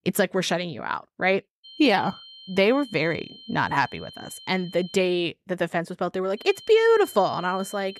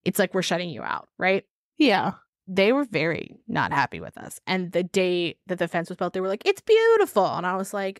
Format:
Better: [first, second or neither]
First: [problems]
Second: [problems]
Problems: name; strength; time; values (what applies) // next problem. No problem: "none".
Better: second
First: high-pitched whine; noticeable; from 1.5 to 5 s and from 6.5 s on; 3 kHz, 20 dB below the speech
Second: none